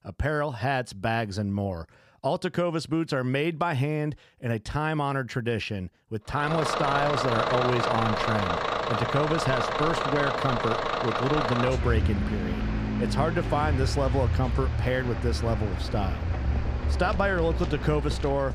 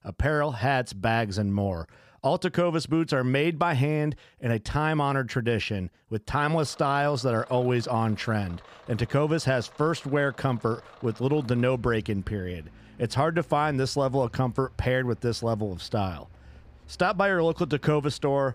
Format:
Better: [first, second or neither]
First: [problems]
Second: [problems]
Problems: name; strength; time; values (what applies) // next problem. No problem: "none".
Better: second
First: traffic noise; loud; from 6.5 s on; as loud as the speech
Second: traffic noise; faint; from 6.5 s on; 25 dB below the speech